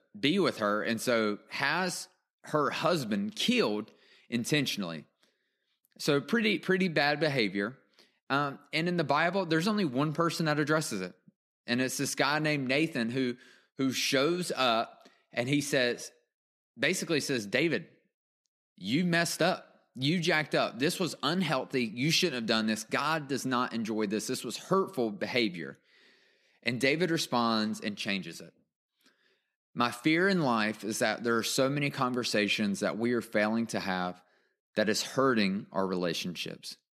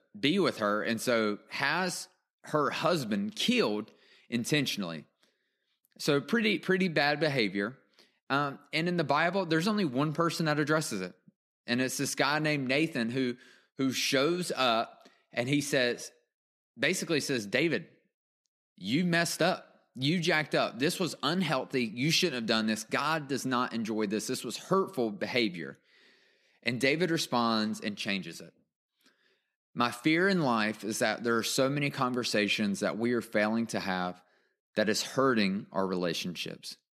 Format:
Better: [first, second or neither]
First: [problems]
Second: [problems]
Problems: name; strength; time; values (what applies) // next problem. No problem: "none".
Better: neither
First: none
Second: none